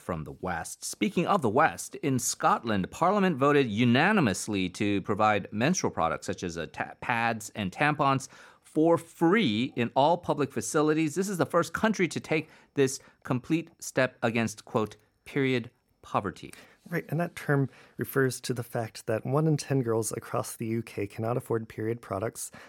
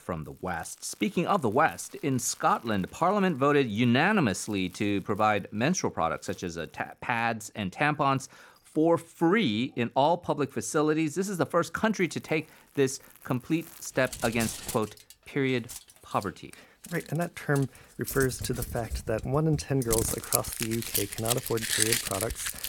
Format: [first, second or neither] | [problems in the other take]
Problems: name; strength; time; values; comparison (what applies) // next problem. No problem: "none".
first | household noises; loud; throughout; 4 dB below the speech